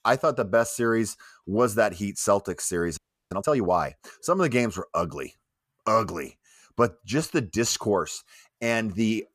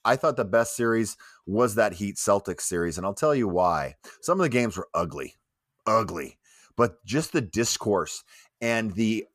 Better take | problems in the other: second | audio freezing; at 3 s

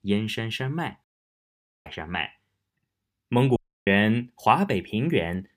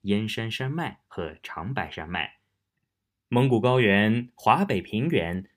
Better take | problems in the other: second | audio cutting out; at 1 s for 1 s and at 3.5 s

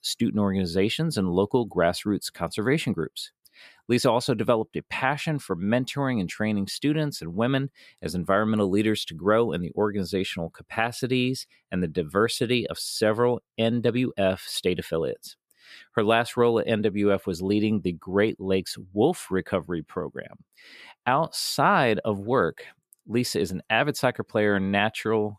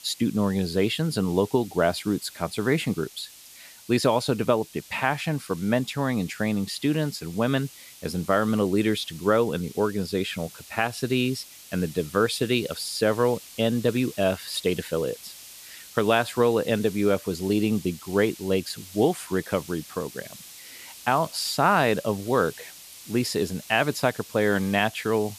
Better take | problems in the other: first | hiss; noticeable; throughout; 20 dB below the speech

